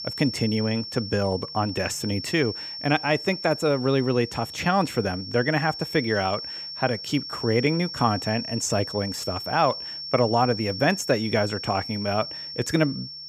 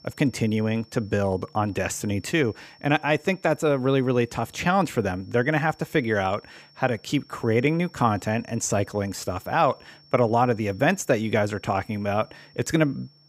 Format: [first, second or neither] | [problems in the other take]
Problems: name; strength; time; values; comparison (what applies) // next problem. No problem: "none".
second | high-pitched whine; loud; throughout; 5.5 kHz, 8 dB below the speech; faint in the second